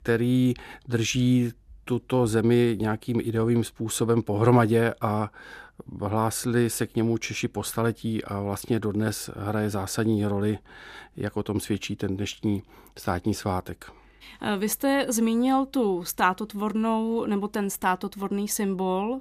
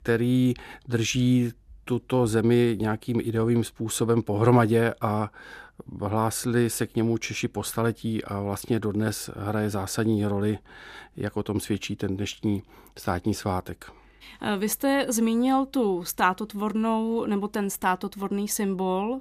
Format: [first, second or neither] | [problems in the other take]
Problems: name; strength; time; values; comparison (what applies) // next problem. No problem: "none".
neither | none